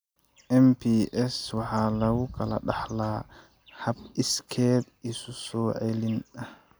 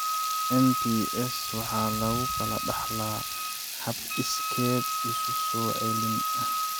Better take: first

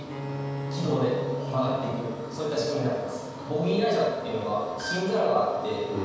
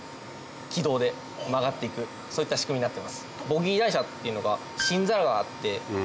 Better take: second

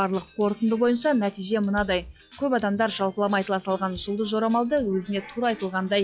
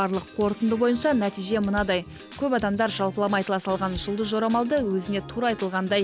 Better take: second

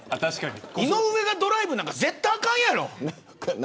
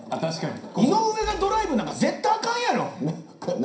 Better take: first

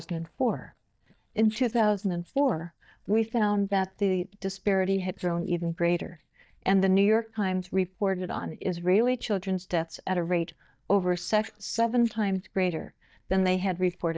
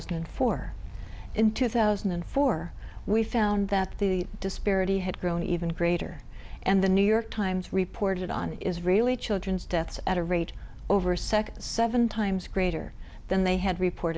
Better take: second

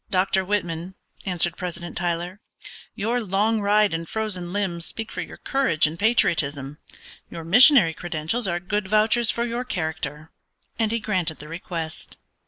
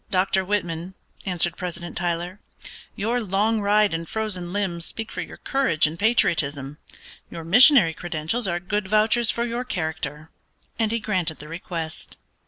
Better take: second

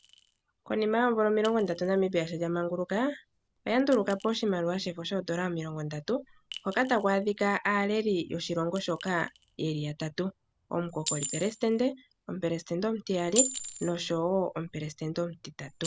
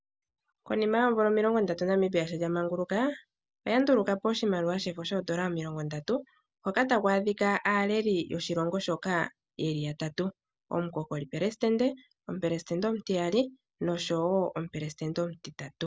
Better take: second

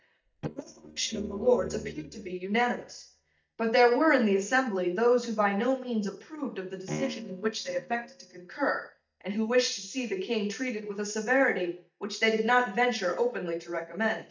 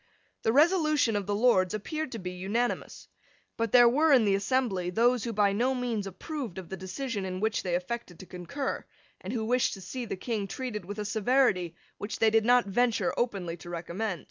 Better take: second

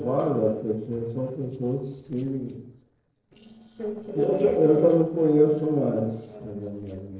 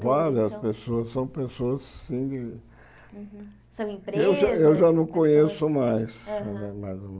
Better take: second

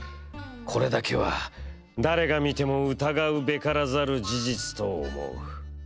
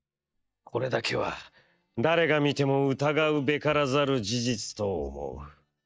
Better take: first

